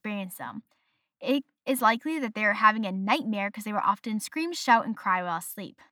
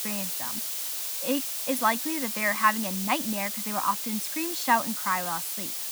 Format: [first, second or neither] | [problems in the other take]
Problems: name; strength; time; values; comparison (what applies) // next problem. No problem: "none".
first | hiss; loud; throughout; 1 dB below the speech